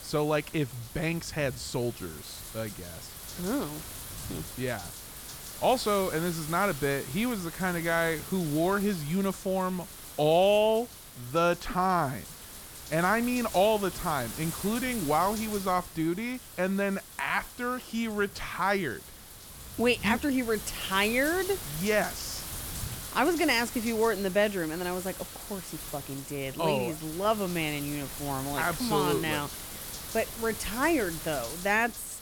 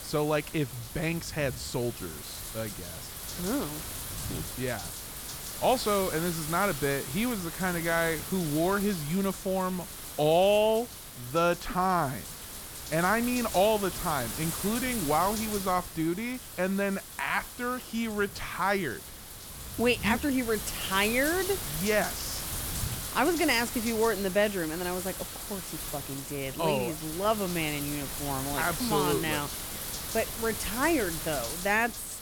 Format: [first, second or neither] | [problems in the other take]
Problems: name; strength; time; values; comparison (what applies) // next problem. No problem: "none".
first | wind noise on the microphone; heavy; 10 dB below the speech; occasional gusts in the first